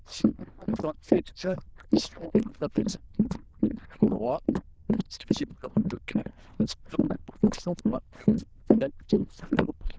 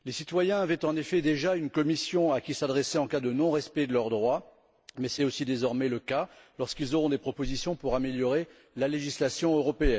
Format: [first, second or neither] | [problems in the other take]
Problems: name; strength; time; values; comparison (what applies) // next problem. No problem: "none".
second | noise reduction (neural diffusion model UNIVERSE++)